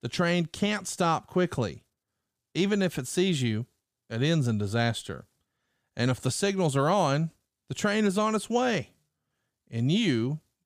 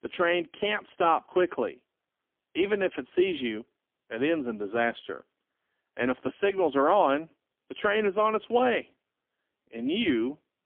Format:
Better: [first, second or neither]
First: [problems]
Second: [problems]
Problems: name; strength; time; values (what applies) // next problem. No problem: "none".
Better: first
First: none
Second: phone-call audio; poor line; nothing above 3.5 kHz